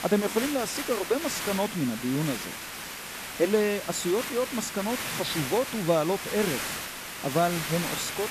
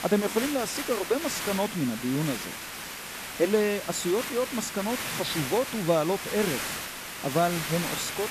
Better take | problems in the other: neither | hiss; loud; throughout; 5 dB below the speech; the same in both

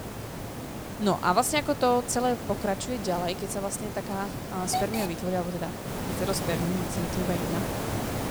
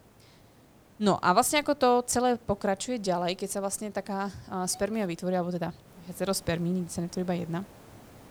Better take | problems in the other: second | hiss; loud; throughout; 5 dB below the speech; faint in the second

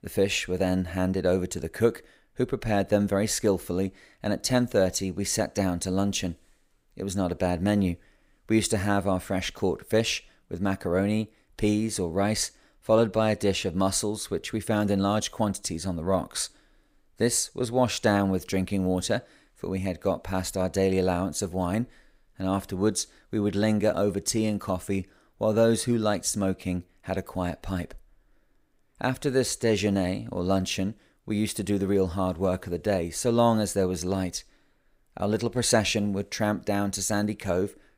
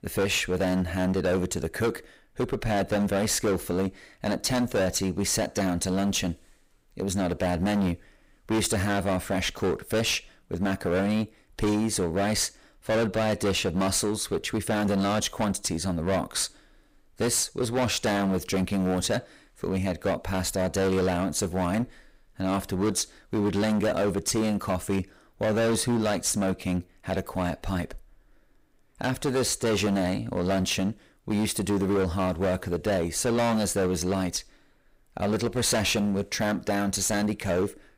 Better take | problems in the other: first | distortion; heavy; 17% of the sound clipped

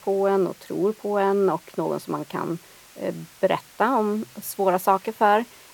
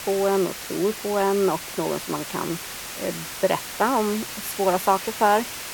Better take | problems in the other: first | hiss; loud; throughout; 8 dB below the speech; faint in the first

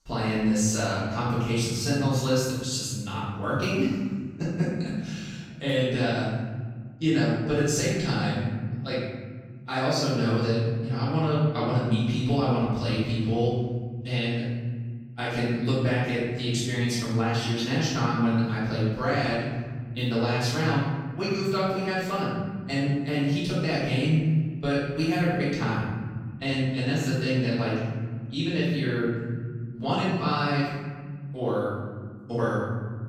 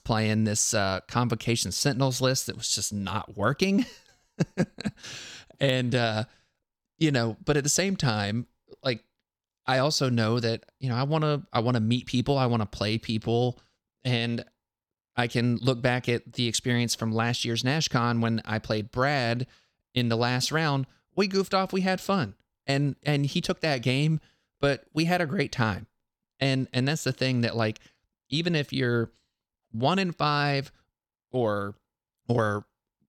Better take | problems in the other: second | room echo; strong; dies away in 2 s // off-mic speech; far

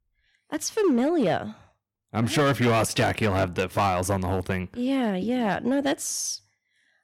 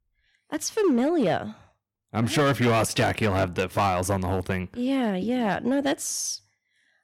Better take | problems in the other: neither | distortion; slight; 6% of the sound clipped; the same in both

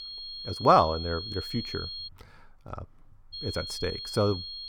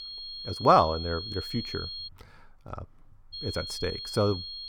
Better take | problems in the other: neither | high-pitched whine; loud; until 2 s and from 3.5 s on; 4.5 kHz, 9 dB below the speech; the same in both

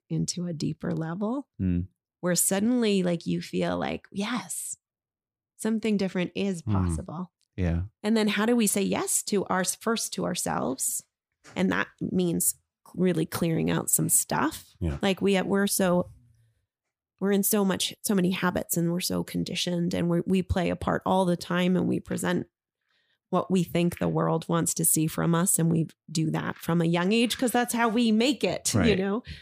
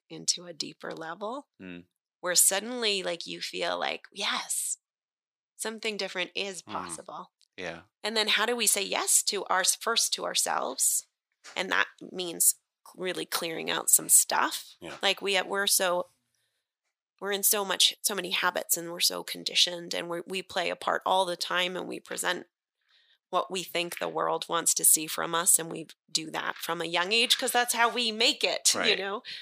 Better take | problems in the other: first | thin; very; fading below 600 Hz

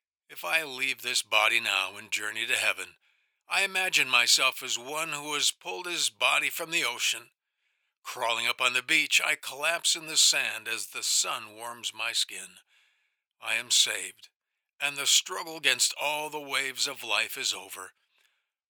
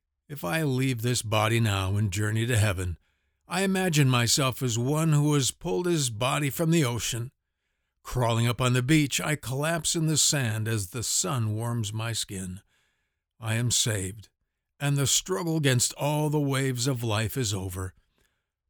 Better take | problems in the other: second | thin; very; fading below 800 Hz

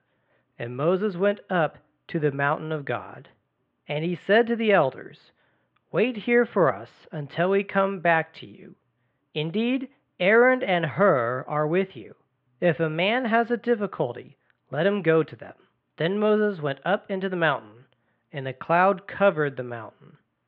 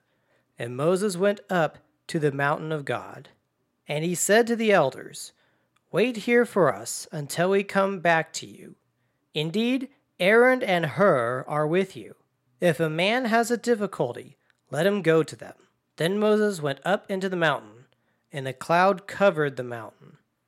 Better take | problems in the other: second | muffled; very; fading above 3 kHz

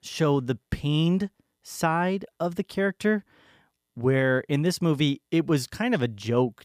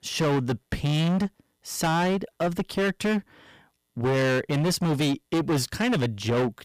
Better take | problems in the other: first | distortion; heavy; 22% of the sound clipped

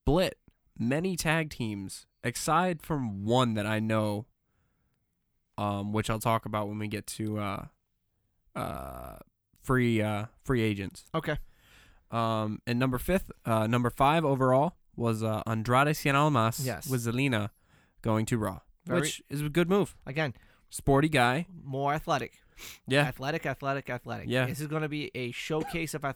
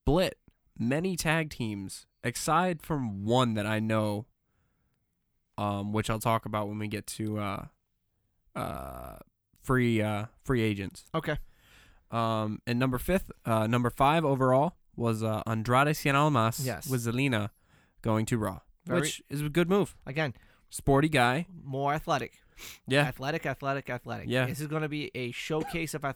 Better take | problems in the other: neither | none

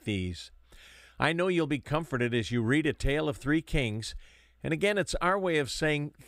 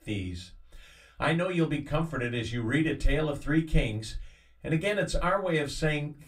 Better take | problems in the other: first | off-mic speech; far // room echo; very slight; dies away in 0.2 s

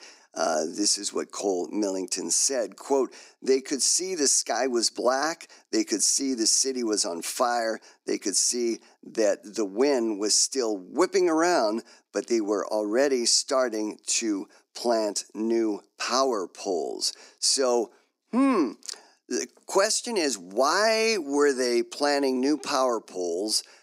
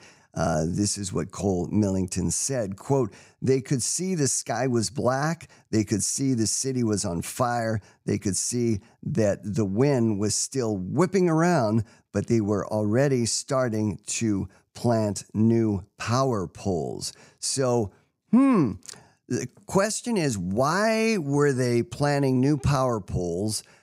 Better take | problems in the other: second | thin; somewhat; fading below 250 Hz

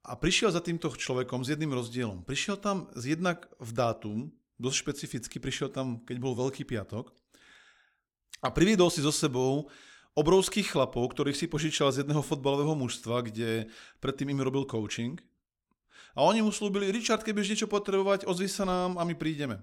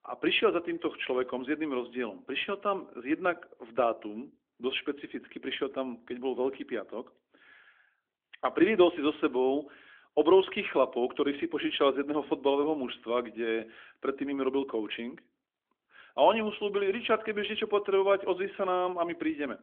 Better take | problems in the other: first | phone-call audio; nothing above 3.5 kHz

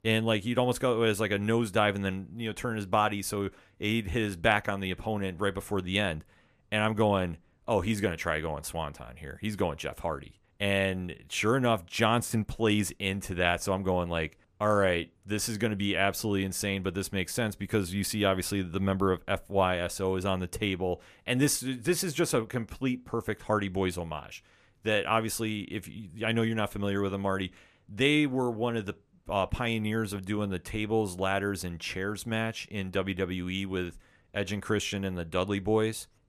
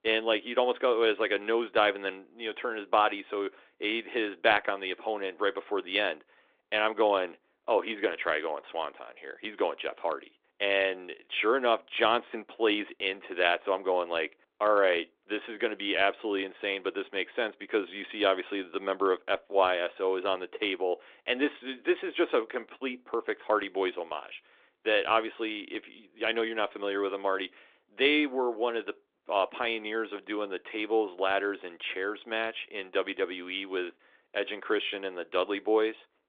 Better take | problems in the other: first | phone-call audio; nothing above 3.5 kHz

